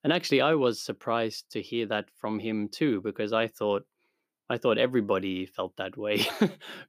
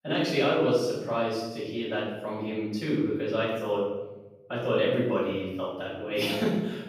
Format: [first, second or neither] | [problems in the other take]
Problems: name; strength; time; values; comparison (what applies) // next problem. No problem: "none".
first | off-mic speech; far // room echo; strong; dies away in 1 s